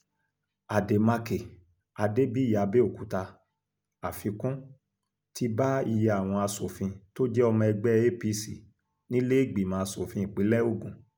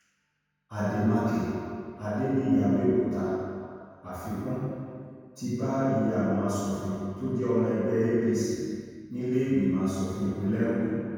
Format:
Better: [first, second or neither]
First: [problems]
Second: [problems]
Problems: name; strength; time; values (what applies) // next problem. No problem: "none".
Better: first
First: none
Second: room echo; dies away in 2.1 s